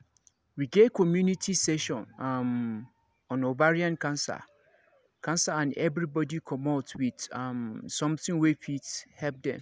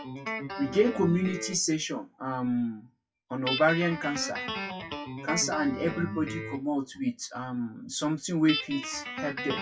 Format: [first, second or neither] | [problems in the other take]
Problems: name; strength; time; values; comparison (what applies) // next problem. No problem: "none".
first | noise reduction (classical method WPE with log-MMSE)